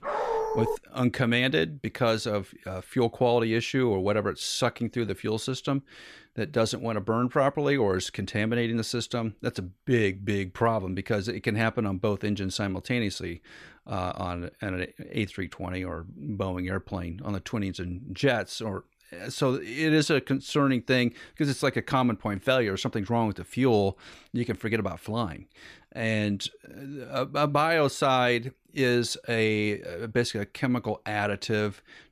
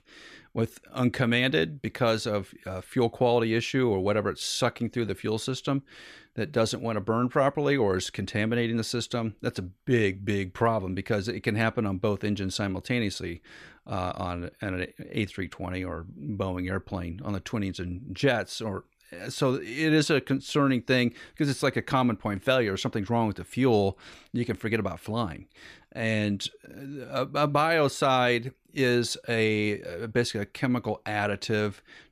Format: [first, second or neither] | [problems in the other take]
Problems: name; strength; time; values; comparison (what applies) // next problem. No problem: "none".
second | dog barking; noticeable; at the start; peak 1 dB below the speech